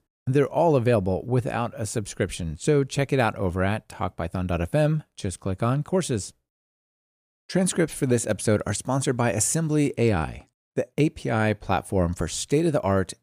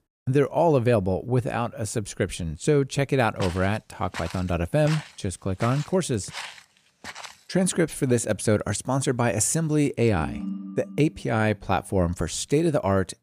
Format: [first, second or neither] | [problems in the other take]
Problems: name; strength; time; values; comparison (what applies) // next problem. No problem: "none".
first | footsteps; faint; from 3.5 to 7.5 s; peak 10 dB below the speech // phone ringing; noticeable; from 10 to 11 s; peak 8 dB below the speech